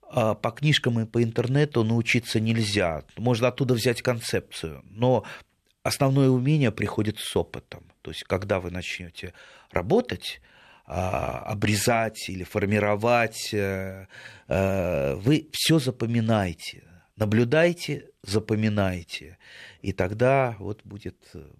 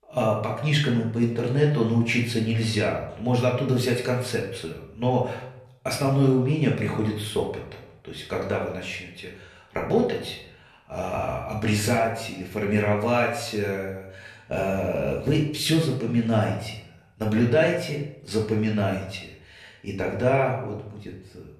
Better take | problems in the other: first | room echo; noticeable; dies away in 0.6 s // off-mic speech; far

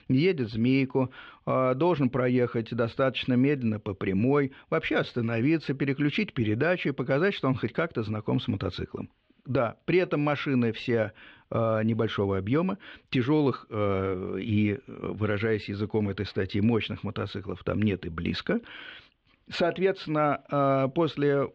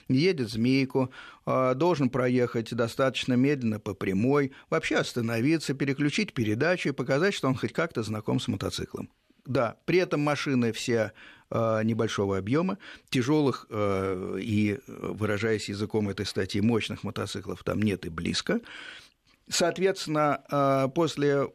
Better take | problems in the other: second | muffled; slightly; fading above 3.5 kHz

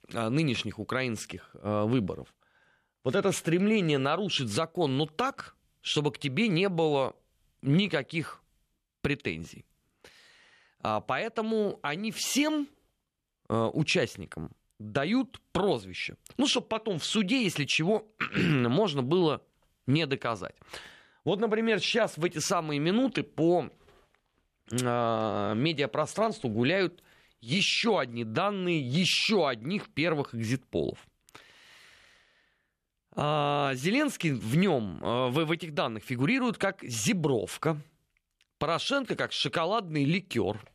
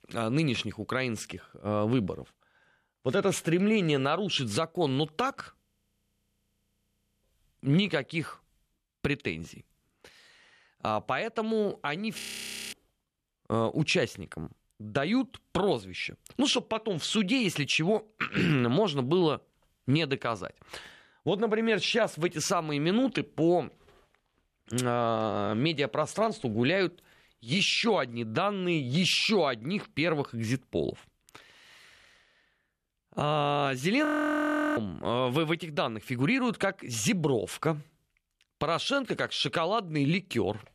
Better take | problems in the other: first | audio freezing; at 5.5 s for 1.5 s, at 12 s for 0.5 s and at 34 s for 0.5 s

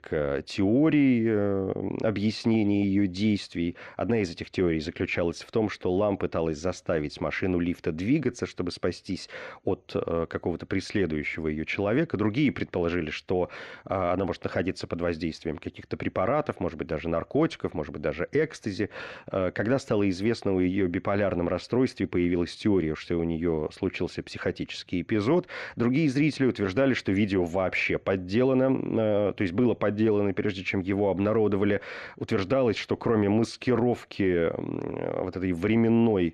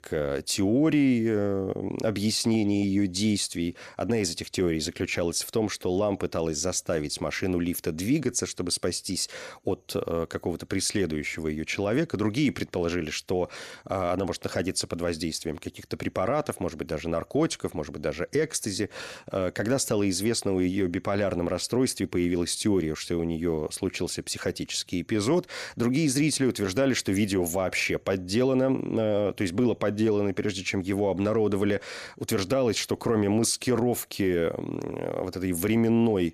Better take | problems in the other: second | muffled; slightly; fading above 2.5 kHz

